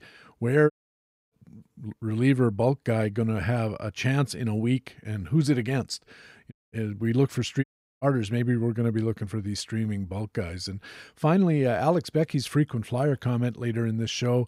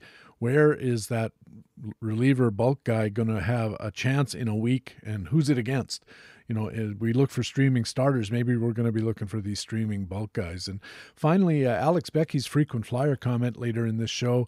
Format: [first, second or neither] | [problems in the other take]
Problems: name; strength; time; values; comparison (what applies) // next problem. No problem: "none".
second | audio cutting out; at 0.5 s for 0.5 s, at 6.5 s and at 7.5 s